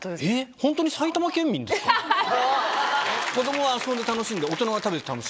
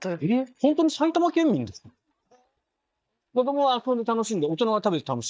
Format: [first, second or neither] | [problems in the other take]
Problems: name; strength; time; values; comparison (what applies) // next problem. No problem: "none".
first | noise reduction (neural mask model DeepFilterNet 3)